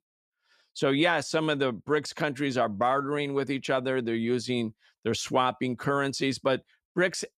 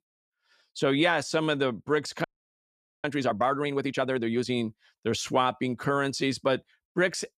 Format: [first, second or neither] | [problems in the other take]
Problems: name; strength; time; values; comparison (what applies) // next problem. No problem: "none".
first | audio freezing; at 2 s for 1 s